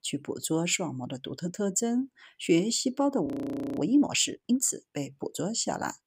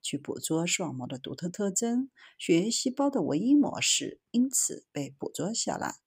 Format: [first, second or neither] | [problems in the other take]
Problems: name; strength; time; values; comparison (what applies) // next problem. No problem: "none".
second | audio freezing; at 3.5 s for 0.5 s